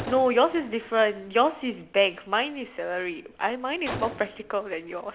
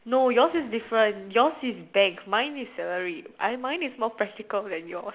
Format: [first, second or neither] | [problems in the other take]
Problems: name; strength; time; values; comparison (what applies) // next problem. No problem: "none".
second | background sound (Gunshot, gunfire); 16 dB below the speech